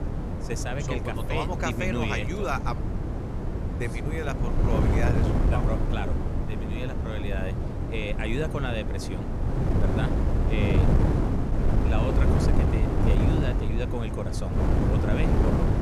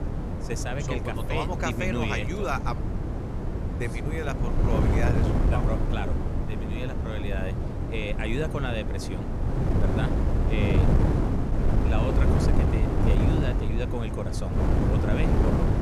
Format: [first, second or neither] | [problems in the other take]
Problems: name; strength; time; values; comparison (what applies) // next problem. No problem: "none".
neither | wind noise on the microphone; heavy; as loud as the speech; the same in both